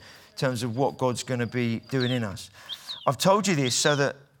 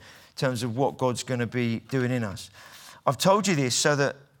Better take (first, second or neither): second